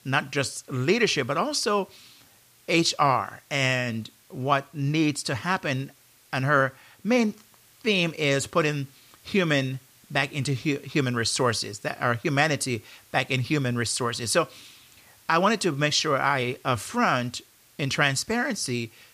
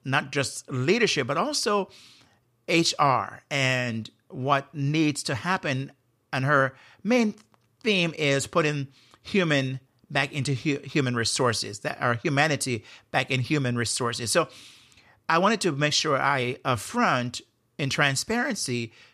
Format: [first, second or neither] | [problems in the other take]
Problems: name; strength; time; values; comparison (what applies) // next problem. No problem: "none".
second | hiss; faint; throughout; 30 dB below the speech